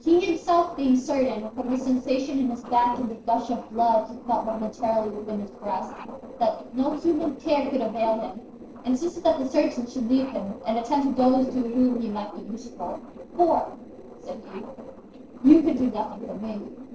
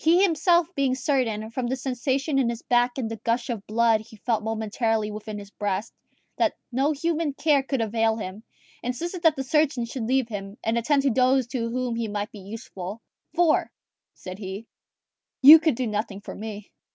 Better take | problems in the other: second | noise reduction (neural separator model SepFormer DNS4)

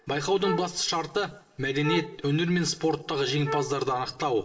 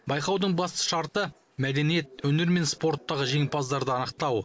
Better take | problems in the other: second | background sound (Wind instrument, woodwind instrument); 8 dB below the speech // room echo; dies away in 0.8 s

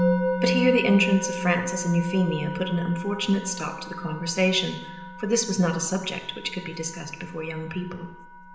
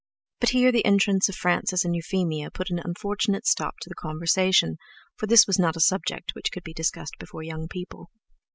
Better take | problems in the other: second | background sound (Musical instrument); 4 dB below the speech // room echo; dies away in 0.9 s

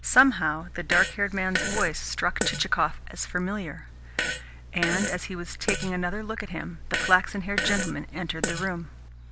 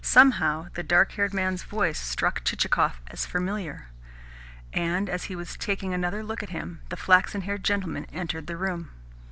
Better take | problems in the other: second | background sound (Fart); 5 dB below the speech

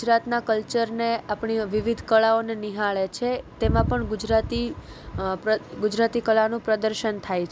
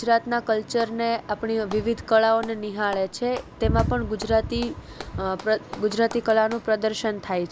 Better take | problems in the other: first | background sound (Clapping); 20 dB below the speech

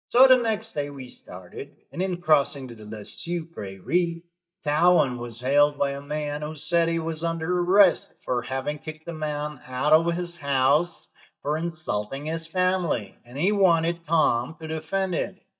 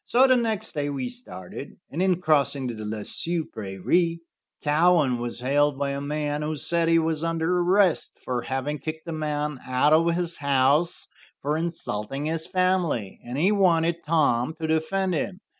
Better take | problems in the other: second | noise reduction (neural mask model DeepFilterNet 3)

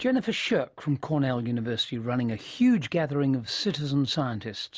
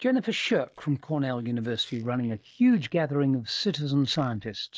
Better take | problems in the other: first | noise reduction (neural mask model DeepFilterNet 3)

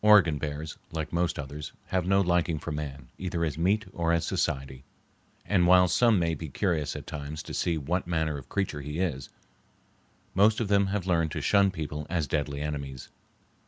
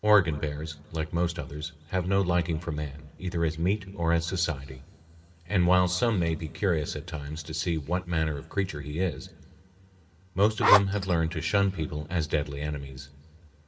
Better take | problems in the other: first | background sound (Zipper (clothing)); 4 dB above the speech // room echo; dies away in 2 s

